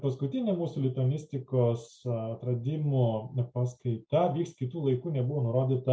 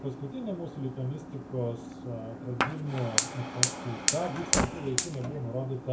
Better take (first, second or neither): first